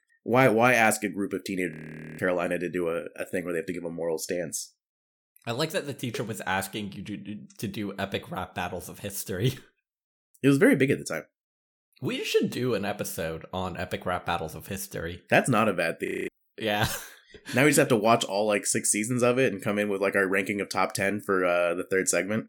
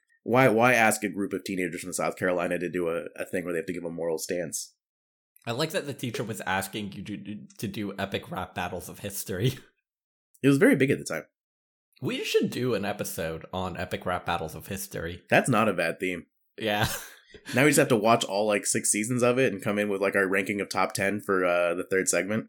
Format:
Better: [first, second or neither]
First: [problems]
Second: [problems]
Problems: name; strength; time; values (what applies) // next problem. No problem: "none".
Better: second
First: audio freezing; at 1.5 s and at 16 s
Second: none